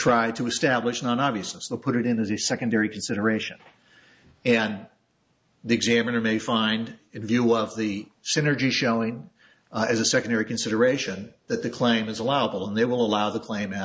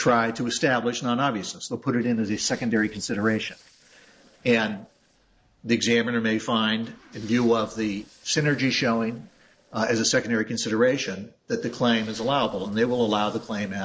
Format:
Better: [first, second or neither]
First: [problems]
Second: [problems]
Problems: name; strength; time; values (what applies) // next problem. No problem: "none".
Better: first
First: none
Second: noise reduction (neural separator model SepFormer DNS4)